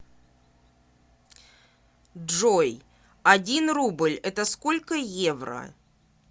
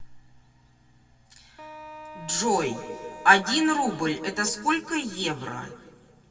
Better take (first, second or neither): first